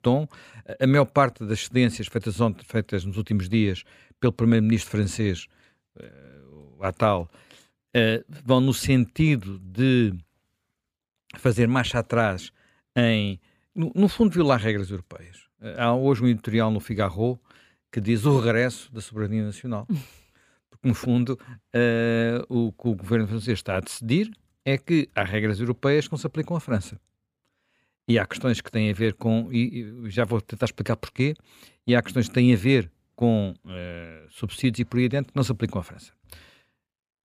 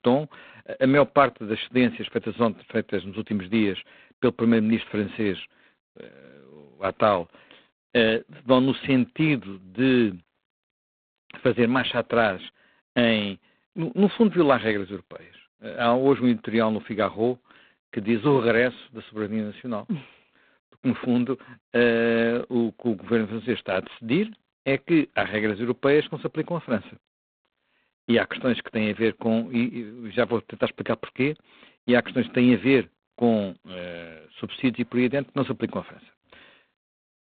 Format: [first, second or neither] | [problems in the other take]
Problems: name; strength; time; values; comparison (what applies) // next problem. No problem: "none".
first | phone-call audio; poor line; nothing above 4 kHz